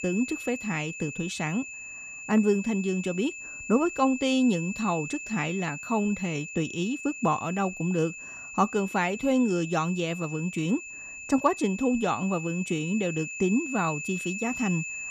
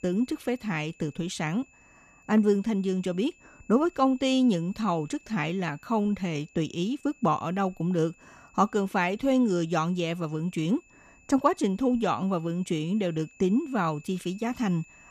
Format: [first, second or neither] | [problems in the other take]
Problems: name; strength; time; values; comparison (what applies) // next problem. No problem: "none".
second | high-pitched whine; loud; throughout; 2.5 kHz, 9 dB below the speech; faint in the second